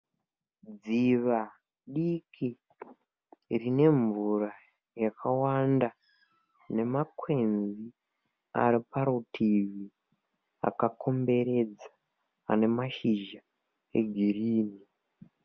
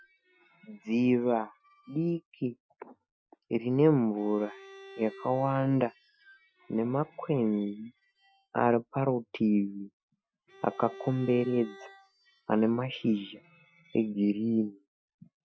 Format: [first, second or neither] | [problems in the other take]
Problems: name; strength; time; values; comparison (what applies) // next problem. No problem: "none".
first | noise reduction (classical method Wiener filter)